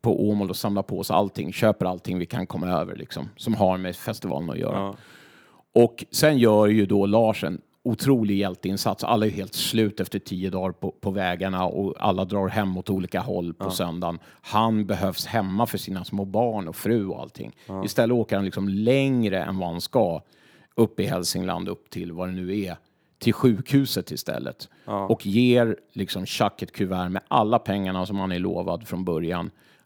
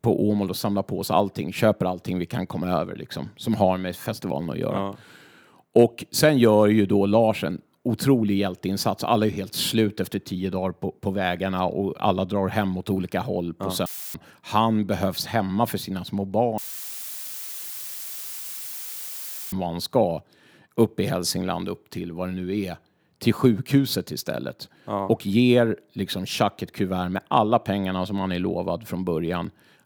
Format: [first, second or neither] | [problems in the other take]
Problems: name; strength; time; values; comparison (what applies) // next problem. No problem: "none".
first | audio cutting out; filled with static; at 14 s and at 17 s for 3 s